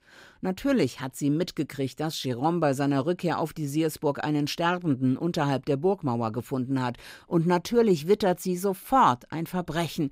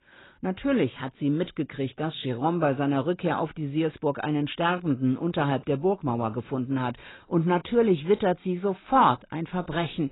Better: first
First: none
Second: garbled, watery; badly; nothing above 4 kHz

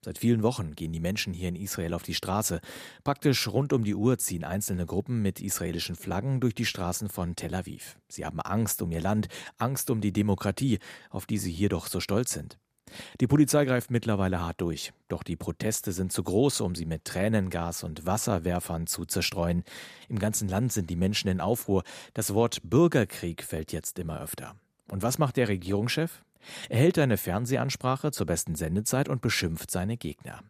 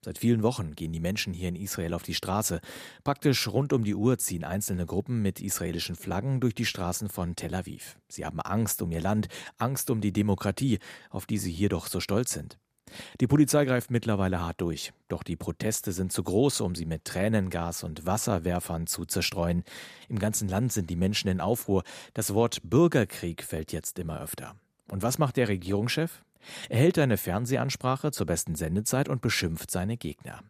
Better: neither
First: none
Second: none

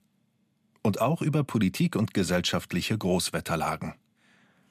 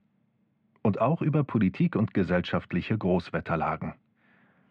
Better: first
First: none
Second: muffled; very; fading above 2.5 kHz

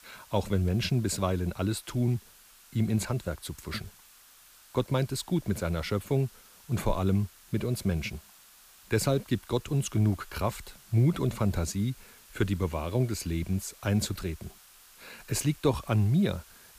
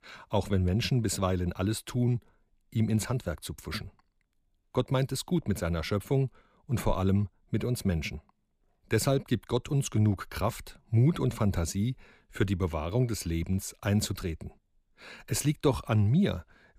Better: second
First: hiss; faint; throughout; 25 dB below the speech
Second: none

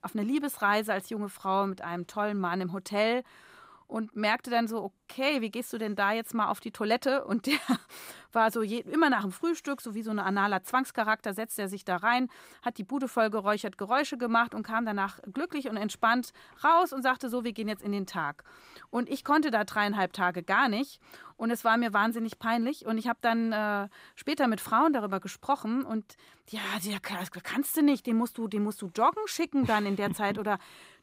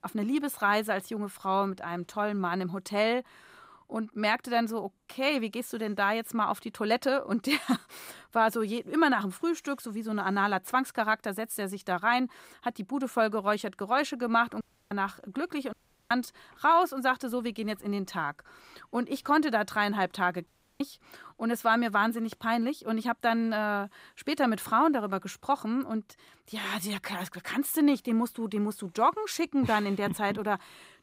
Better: first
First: none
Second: audio cutting out; at 15 s, at 16 s and at 20 s

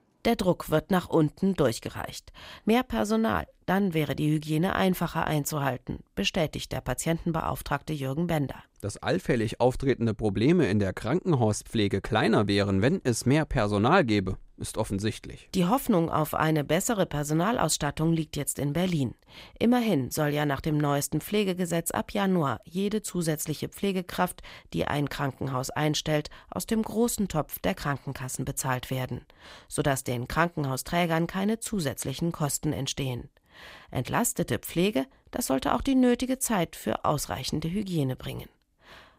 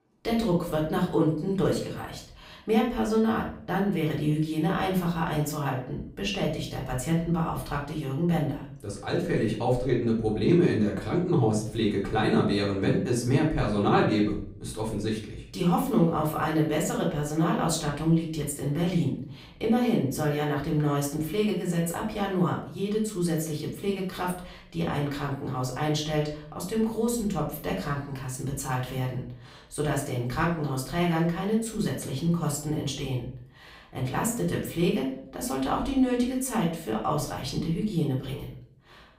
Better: first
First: none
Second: room echo; slight; dies away in 0.5 s // off-mic speech; far

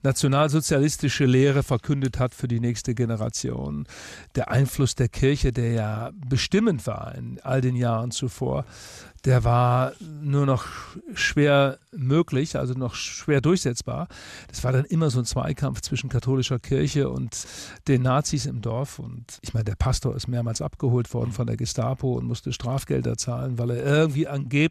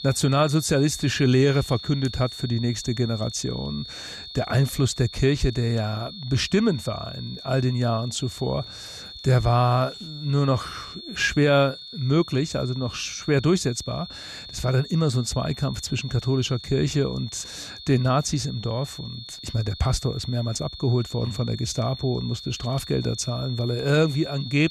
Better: first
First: none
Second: high-pitched whine; noticeable; throughout; 4.5 kHz, 10 dB below the speech

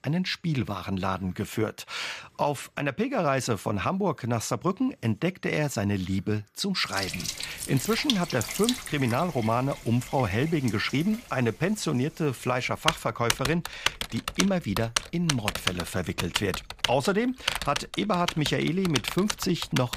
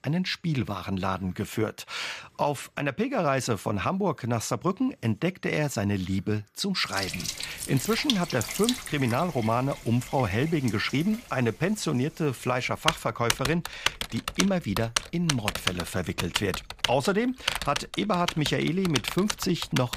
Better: neither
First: household noises; loud; from 7 s on; 4 dB below the speech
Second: household noises; loud; from 7 s on; 4 dB below the speech

